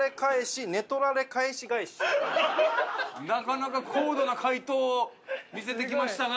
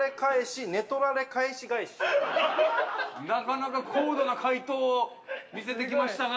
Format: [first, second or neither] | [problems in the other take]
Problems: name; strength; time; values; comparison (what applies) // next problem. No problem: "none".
first | room echo; dies away in 0.7 s